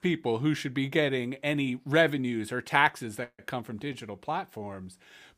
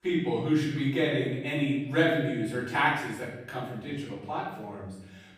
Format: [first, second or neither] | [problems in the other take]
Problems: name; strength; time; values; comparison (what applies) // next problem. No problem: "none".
first | off-mic speech; far // room echo; noticeable; dies away in 0.9 s